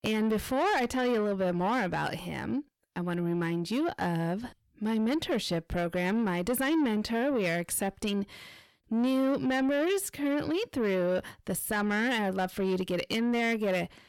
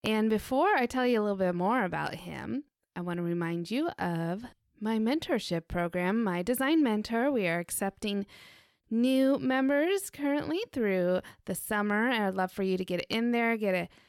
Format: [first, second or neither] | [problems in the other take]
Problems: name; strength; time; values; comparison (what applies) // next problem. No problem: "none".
second | distortion; slight; 10 dB below the speech